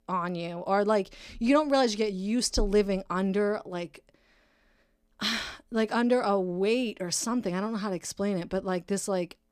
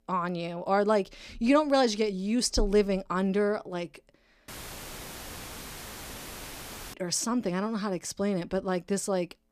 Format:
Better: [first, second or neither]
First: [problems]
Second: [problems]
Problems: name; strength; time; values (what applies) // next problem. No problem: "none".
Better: first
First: none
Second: audio cutting out; filled with static; at 4.5 s for 2.5 s